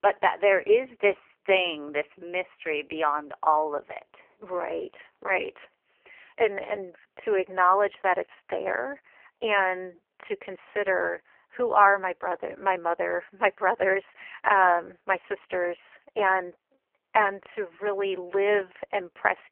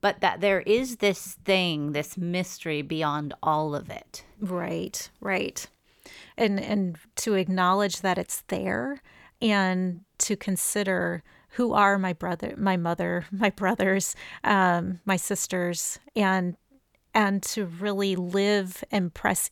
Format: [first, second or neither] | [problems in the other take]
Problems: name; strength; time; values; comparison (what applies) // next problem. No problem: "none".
second | phone-call audio; poor line; nothing above 3 kHz